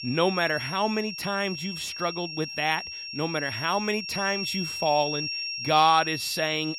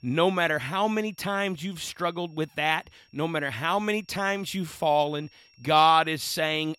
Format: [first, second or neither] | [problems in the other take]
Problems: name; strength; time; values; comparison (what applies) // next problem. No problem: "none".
second | high-pitched whine; loud; throughout; 5.5 kHz, 6 dB below the speech; faint in the second